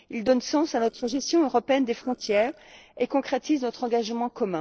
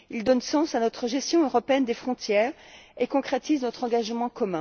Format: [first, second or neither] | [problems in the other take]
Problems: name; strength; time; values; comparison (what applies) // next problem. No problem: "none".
second | noise reduction (neural separator model SepFormer DNS4)